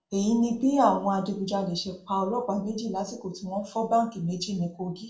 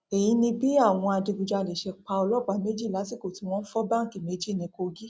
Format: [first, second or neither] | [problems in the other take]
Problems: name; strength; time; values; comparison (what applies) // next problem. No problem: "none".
second | room echo; dies away in 0.3 s